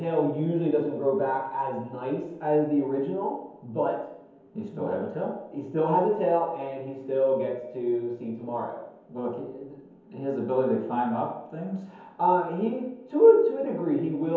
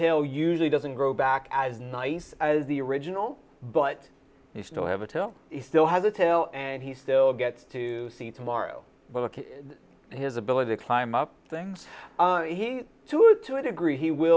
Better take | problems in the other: second | room echo; dies away in 0.9 s

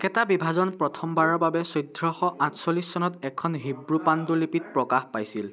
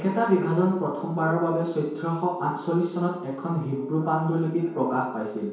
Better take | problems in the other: first | room echo; dies away in 1 s

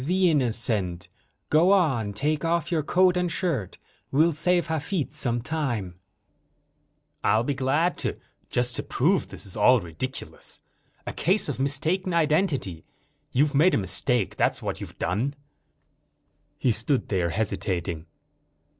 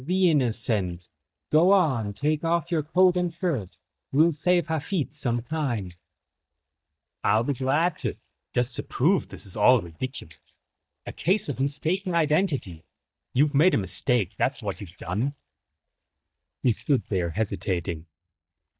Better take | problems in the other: first | noise reduction (neural mask model DeepFilterNet 3)

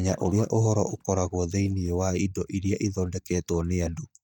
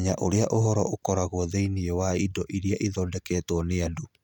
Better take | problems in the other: second | noise reduction (neural mask model DeepFilterNet 3)

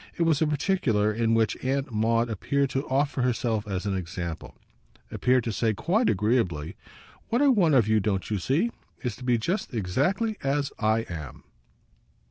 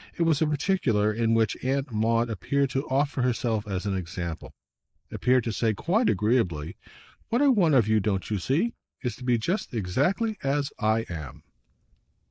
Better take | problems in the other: first | noise reduction (neural mask model Resemble Enhance denoiser)

